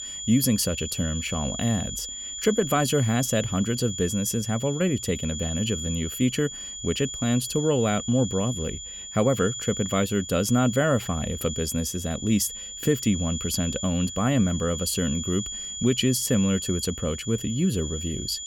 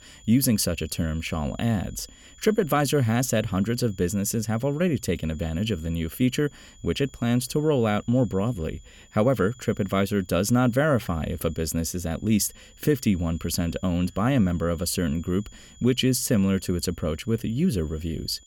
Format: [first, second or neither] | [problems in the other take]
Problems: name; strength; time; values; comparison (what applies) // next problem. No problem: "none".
second | high-pitched whine; loud; throughout; 7 kHz, 7 dB below the speech; faint in the second